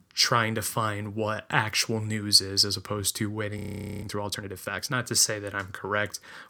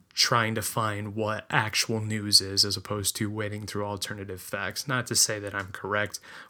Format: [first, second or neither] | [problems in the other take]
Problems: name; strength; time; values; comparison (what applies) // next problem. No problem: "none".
second | audio freezing; at 3.5 s